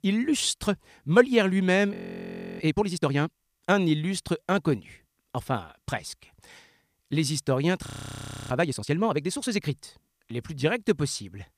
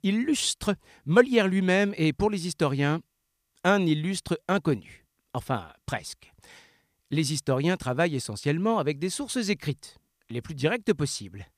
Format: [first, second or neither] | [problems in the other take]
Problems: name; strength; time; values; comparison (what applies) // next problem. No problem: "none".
second | audio freezing; at 2 s for 0.5 s and at 8 s for 0.5 s